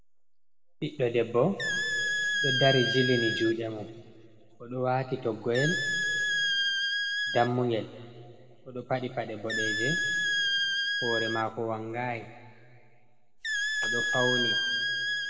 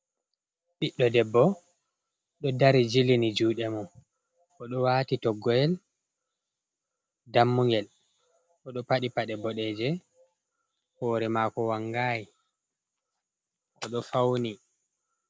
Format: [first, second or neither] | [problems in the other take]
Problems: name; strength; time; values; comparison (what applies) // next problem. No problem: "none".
second | background sound (Squeak); as loud as the speech // room echo; dies away in 2.2 s